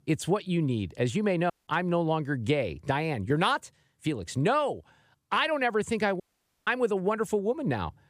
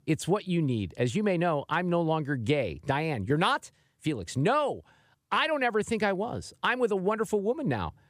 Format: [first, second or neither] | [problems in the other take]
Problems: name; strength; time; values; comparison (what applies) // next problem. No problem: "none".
second | audio cutting out; at 1.5 s and at 6 s